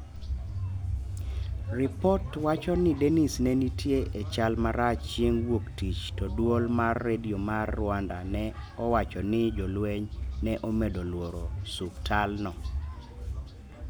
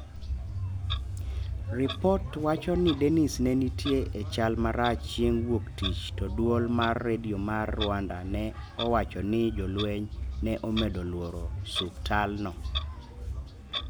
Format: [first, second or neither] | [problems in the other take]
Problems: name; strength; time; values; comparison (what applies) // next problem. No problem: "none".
first | background sound (Clock); 15 dB below the speech